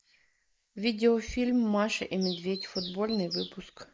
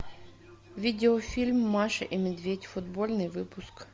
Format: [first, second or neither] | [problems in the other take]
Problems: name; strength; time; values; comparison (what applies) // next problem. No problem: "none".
second | noise reduction (neural mask model Resemble Enhance denoiser)